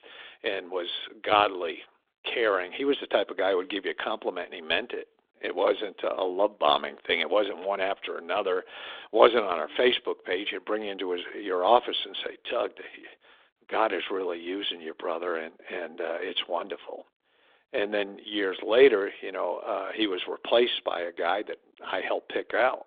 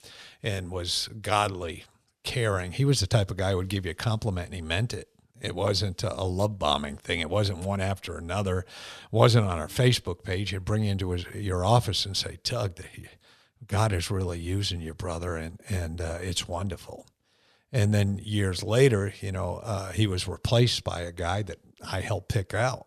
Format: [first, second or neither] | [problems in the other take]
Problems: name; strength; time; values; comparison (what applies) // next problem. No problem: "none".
second | phone-call audio; nothing above 3.5 kHz